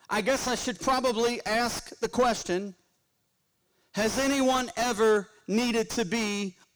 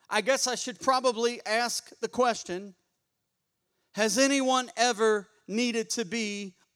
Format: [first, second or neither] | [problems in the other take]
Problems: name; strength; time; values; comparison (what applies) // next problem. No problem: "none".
second | distortion; heavy; 5 dB below the speech